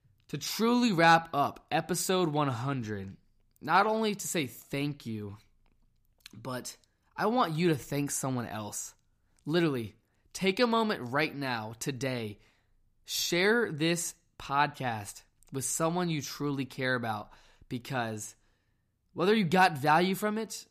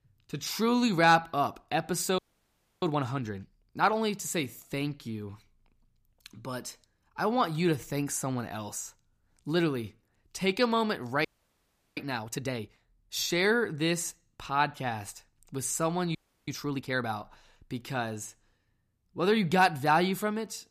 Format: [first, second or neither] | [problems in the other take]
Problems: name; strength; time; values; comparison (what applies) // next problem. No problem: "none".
first | audio freezing; at 2 s for 0.5 s, at 11 s for 0.5 s and at 16 s